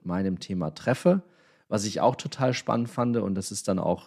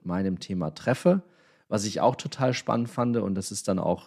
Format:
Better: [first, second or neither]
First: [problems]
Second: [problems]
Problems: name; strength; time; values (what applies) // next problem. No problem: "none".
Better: neither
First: none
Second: none